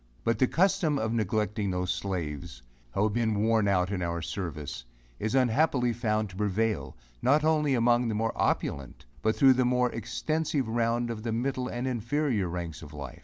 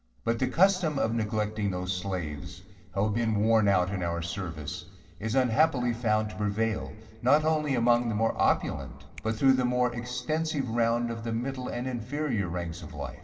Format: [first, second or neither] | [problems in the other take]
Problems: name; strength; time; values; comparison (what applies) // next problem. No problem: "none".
first | noise reduction (neural separator model SepFormer DNS4)